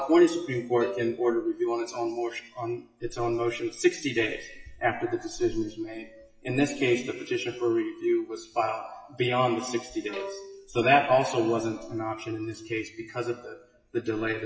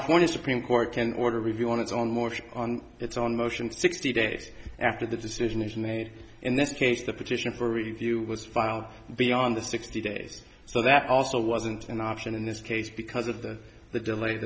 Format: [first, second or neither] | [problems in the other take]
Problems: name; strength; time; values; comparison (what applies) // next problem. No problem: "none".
second | noise reduction (classical method WPE with log-MMSE)